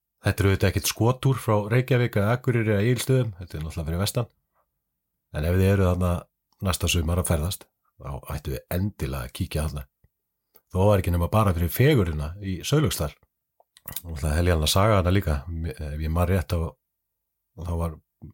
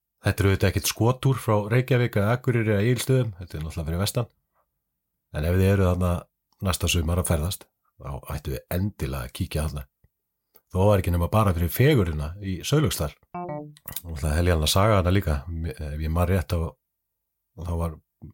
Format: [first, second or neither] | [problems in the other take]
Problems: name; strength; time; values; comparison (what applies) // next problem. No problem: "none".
first | phone ringing; noticeable; at 13 s; peak 10 dB below the speech